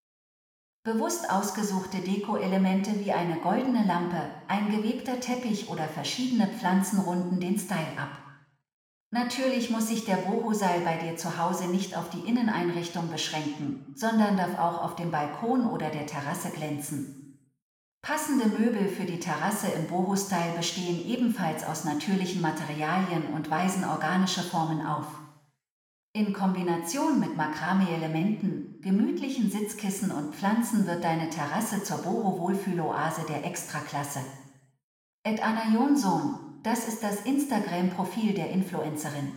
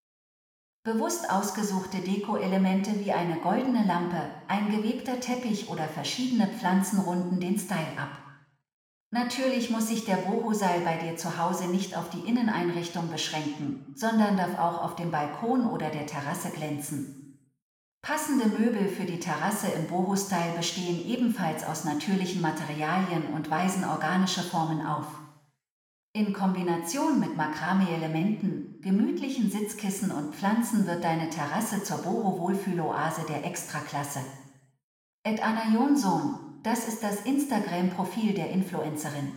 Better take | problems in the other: neither | room echo; noticeable; dies away in 0.9 s; the same in both

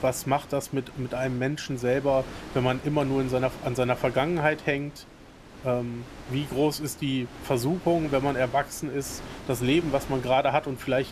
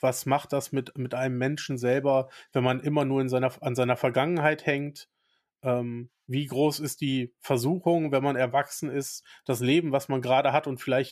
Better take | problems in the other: second | wind noise on the microphone; occasional gusts; 15 dB below the speech

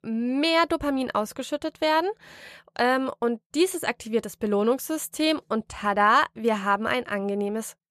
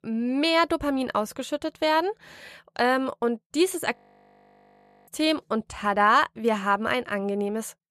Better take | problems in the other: first | audio freezing; at 4 s for 1 s

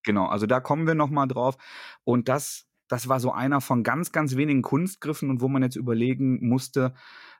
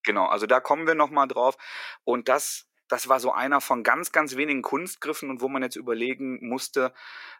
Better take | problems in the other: first | thin; somewhat; fading below 400 Hz

